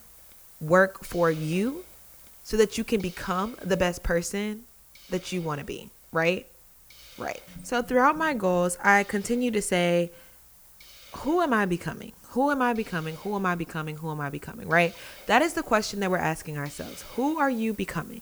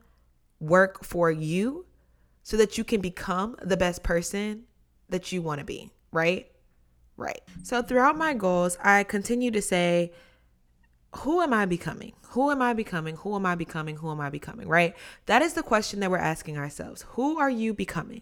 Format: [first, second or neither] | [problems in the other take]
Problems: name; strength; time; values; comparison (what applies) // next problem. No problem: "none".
second | hiss; faint; throughout; 20 dB below the speech